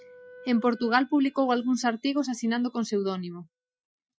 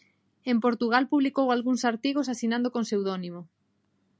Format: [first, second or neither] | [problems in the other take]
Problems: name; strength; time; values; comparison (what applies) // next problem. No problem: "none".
second | noise reduction (classical method Wiener filter)